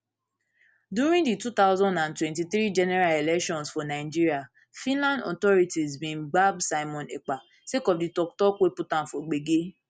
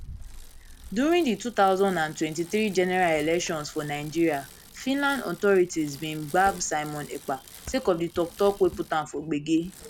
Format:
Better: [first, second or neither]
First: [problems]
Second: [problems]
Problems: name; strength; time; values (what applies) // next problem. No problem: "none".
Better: first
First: none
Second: background sound (Bicycle); 19 dB below the speech